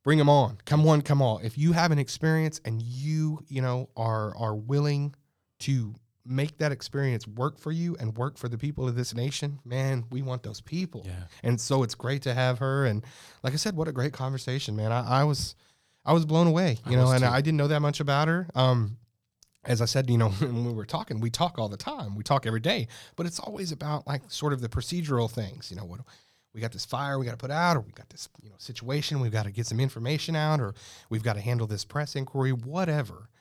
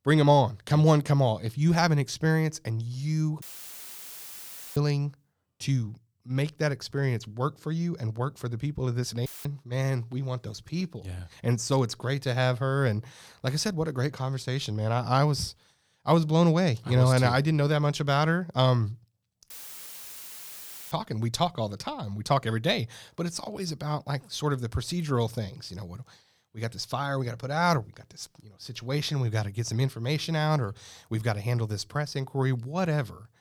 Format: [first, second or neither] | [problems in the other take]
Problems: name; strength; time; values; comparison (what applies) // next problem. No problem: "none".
first | audio cutting out; filled with static; at 3.5 s for 1.5 s, at 9.5 s and at 20 s for 1.5 s